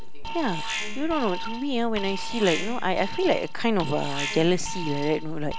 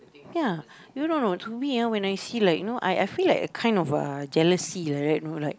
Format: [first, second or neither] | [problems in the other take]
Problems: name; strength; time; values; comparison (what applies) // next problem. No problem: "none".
second | background sound (Alarm); 2 dB below the speech